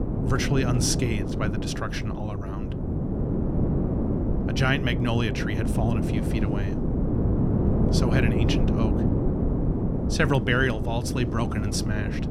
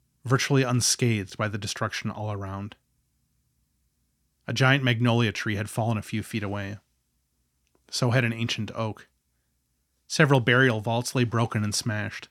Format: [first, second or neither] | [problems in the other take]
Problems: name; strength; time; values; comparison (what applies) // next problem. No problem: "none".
second | wind noise on the microphone; heavy; 4 dB below the speech